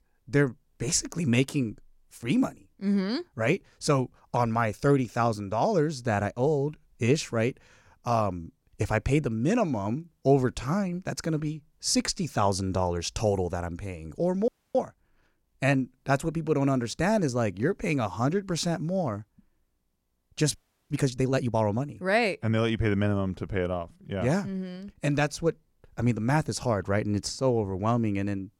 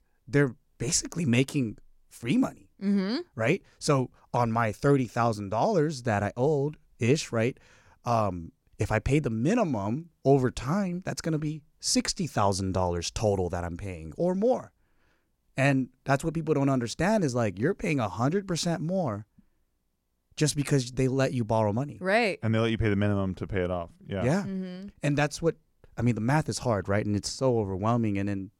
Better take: second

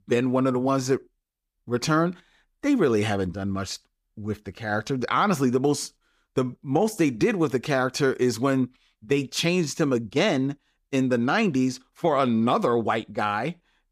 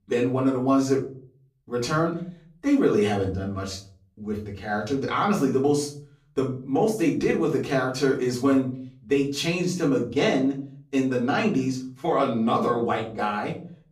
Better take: first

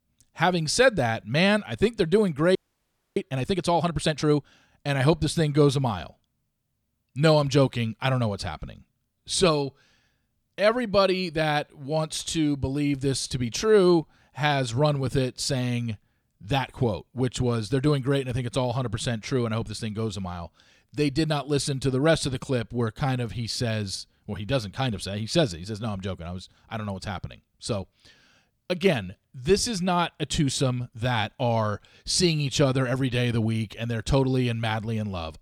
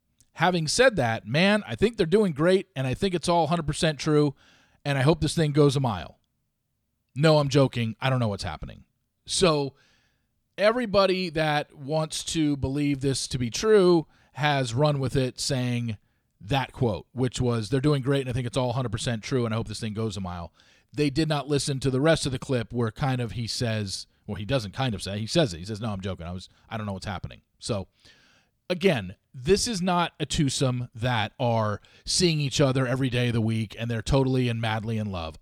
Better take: second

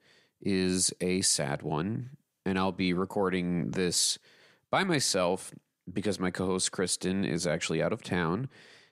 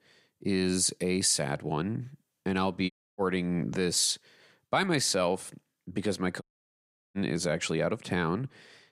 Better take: first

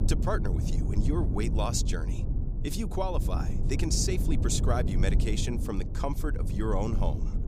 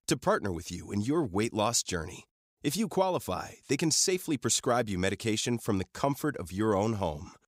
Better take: second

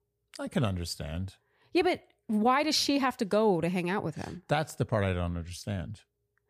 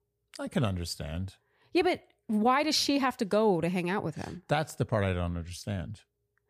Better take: neither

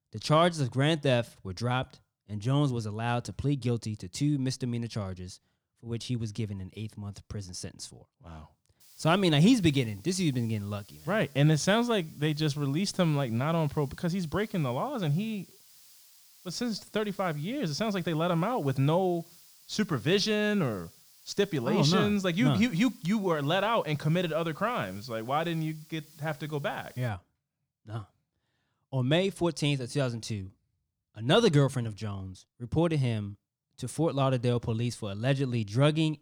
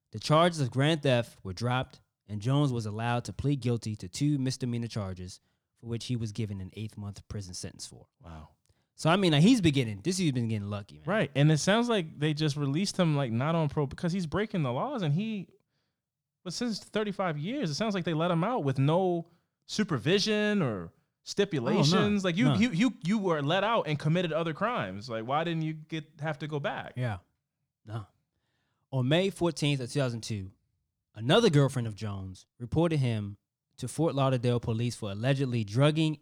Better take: second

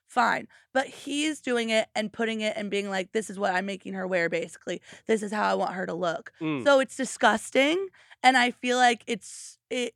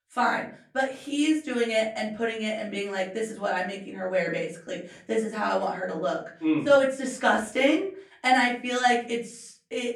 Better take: first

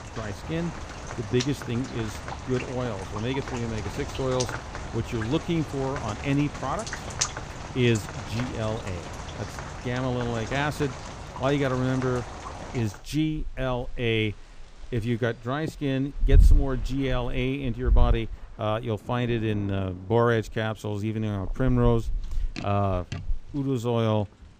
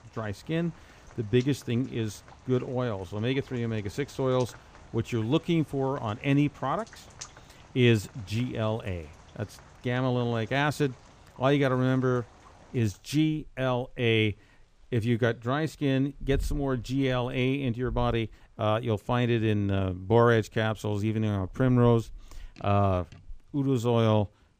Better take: second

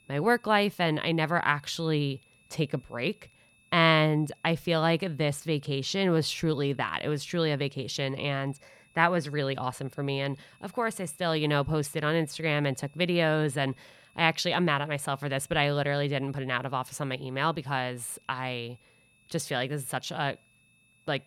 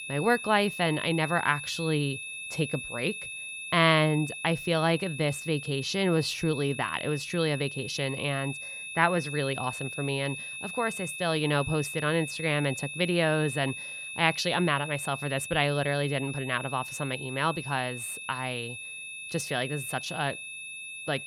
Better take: first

